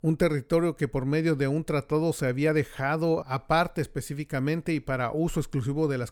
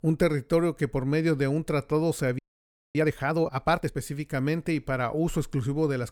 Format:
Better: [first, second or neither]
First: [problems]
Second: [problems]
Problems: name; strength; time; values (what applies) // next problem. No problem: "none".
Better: first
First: none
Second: audio freezing; at 2.5 s for 0.5 s